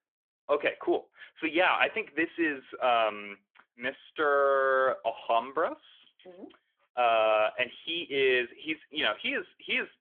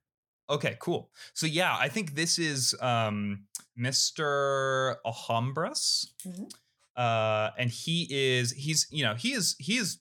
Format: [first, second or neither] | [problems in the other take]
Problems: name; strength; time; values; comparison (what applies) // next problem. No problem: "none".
second | phone-call audio; nothing above 3.5 kHz